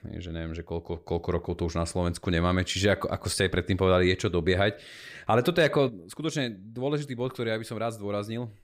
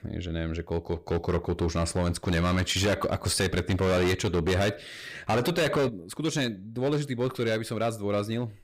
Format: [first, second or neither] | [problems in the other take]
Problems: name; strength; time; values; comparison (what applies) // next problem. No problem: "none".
first | distortion; heavy; 13% of the sound clipped